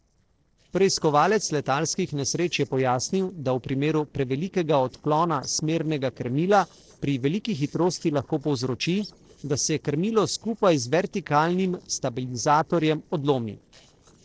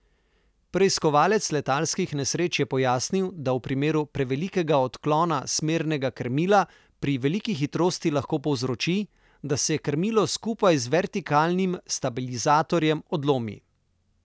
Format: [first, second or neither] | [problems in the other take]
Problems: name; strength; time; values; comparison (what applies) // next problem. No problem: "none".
second | noise reduction (neural separator model SepFormer DNS4)